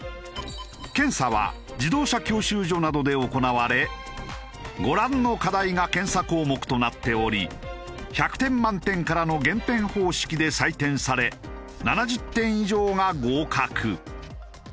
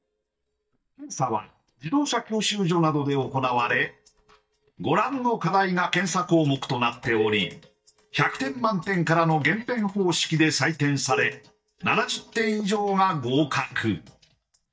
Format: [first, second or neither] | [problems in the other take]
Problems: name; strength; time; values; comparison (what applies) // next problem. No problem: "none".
first | noise reduction (neural mask model DeepFilterNet 3)